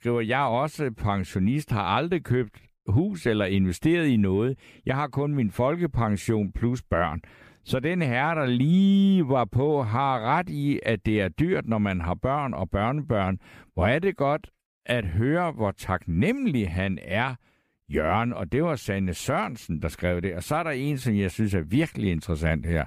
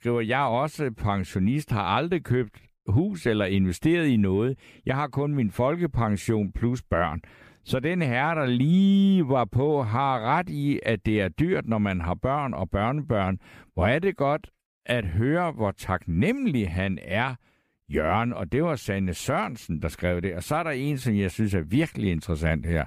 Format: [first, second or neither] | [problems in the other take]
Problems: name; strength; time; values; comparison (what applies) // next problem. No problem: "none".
neither | none